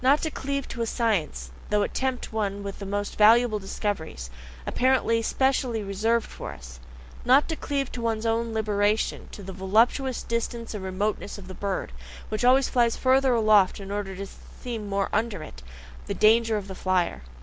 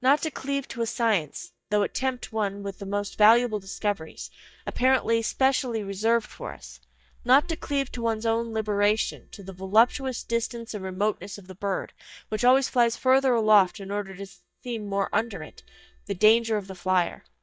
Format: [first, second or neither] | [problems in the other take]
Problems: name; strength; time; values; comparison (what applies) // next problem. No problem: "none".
first | noise reduction (neural mask model DeepFilterNet 3)